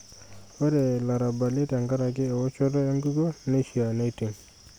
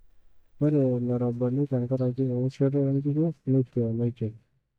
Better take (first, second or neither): first